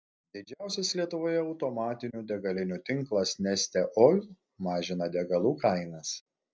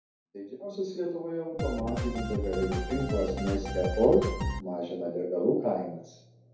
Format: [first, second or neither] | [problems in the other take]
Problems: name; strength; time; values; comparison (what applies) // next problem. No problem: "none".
first | background sound (Drum kit); 3 dB below the speech // room echo; dies away in 2.3 s